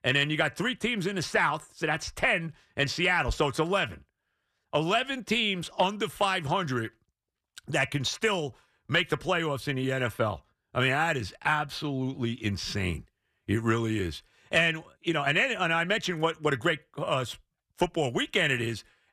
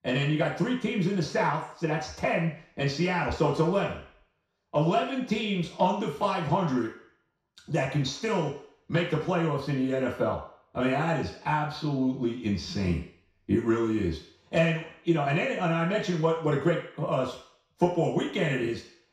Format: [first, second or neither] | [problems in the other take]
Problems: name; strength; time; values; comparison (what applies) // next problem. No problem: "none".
first | room echo; noticeable; dies away in 0.6 s // off-mic speech; far